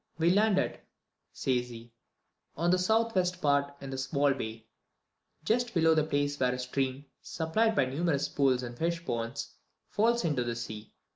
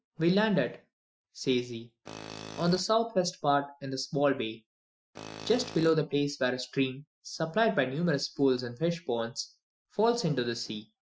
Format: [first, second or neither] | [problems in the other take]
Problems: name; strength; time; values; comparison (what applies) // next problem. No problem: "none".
first | noise reduction (classical method Wiener filter)